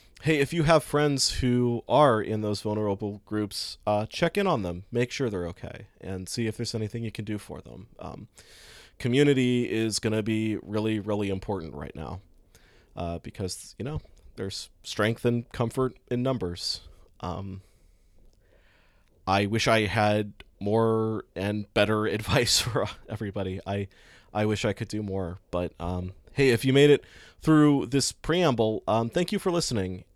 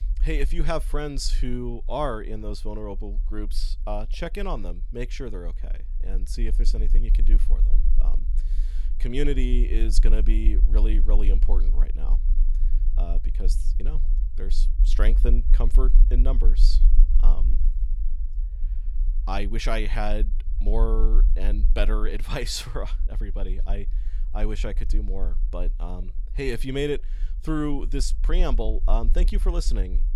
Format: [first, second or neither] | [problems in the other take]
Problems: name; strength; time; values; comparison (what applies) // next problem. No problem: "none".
first | low rumble; noticeable; throughout; 20 dB below the speech